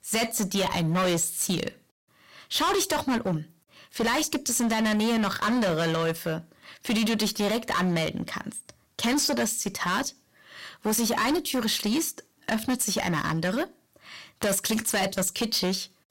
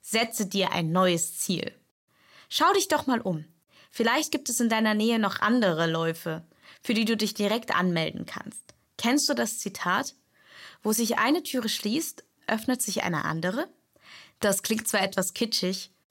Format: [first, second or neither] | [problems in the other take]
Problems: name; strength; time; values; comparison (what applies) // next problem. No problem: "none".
second | distortion; heavy; 17% of the sound clipped